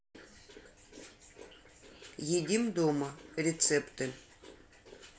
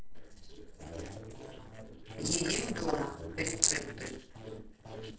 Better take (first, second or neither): first